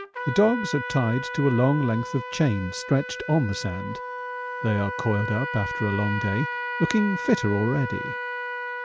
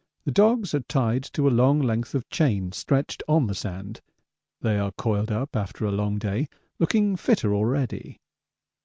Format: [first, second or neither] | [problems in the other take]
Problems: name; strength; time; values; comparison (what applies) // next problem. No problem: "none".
second | background sound (Trumpet); 7 dB below the speech